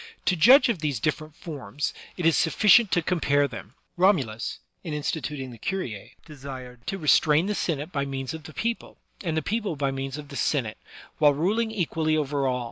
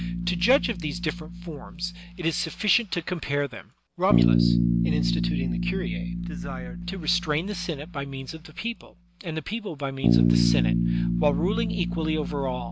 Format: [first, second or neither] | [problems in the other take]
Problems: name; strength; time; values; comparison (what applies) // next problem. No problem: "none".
first | background sound (Bass guitar); 3 dB above the speech